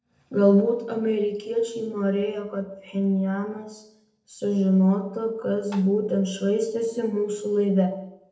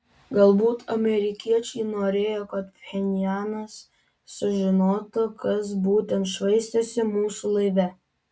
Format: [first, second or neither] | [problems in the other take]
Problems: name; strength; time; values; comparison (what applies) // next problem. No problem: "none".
second | noise reduction (neural separator model SepFormer DNS4)